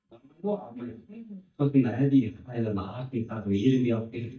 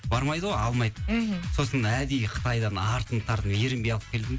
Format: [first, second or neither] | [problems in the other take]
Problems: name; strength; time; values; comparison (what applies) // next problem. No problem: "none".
second | noise reduction (neural mask model DeepFilterNet 3)